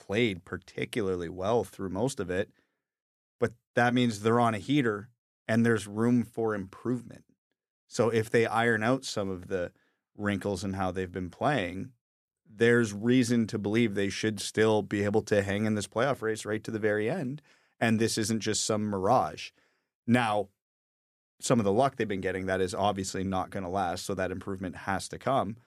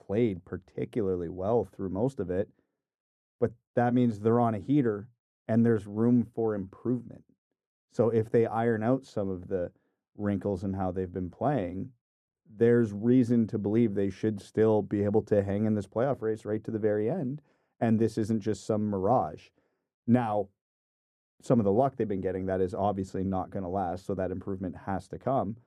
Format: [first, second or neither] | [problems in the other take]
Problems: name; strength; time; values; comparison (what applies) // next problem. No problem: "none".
first | muffled; very; fading above 1.5 kHz